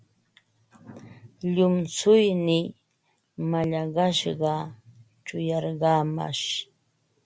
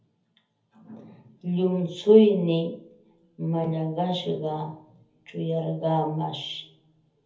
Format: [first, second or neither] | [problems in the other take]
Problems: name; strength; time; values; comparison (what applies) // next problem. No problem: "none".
first | room echo; dies away in 0.7 s